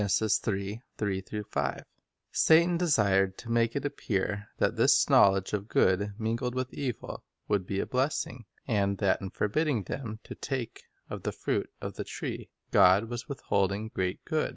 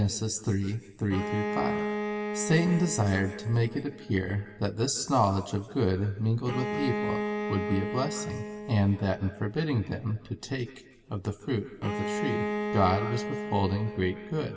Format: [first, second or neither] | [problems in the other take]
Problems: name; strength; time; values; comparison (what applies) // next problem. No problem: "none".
first | background sound (Bowed string instrument); 6 dB below the speech // room echo; dies away in 1.4 s